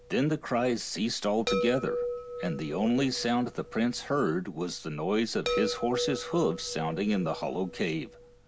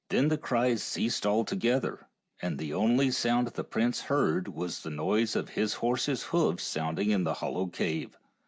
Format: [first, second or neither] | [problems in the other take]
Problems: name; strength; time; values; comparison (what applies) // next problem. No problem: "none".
second | background sound (Chime); 7 dB below the speech